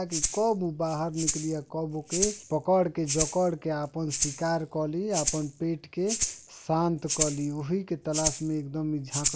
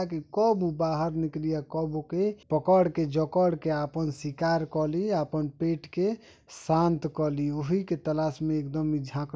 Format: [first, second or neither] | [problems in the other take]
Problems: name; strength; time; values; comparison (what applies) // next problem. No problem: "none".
second | background sound (Rattle (instrument)); 5 dB below the speech